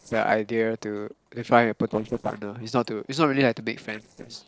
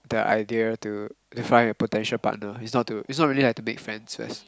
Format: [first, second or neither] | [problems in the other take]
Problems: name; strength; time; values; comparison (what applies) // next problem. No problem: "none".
second | noise reduction (neural separator model SepFormer DNS4)